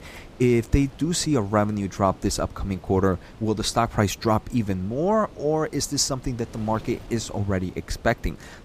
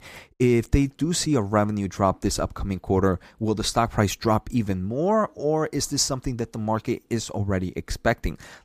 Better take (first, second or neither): second